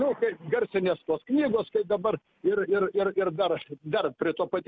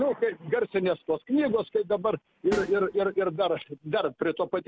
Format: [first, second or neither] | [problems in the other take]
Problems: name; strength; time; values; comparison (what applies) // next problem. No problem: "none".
first | background sound (Snare drum); 14 dB below the speech